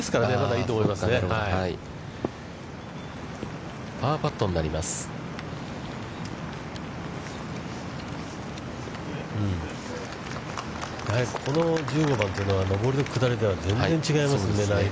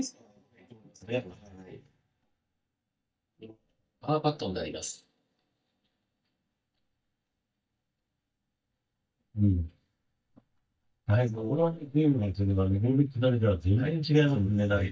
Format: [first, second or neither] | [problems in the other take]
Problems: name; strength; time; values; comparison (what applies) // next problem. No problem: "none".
first | noise reduction (neural mask model DeepFilterNet 3)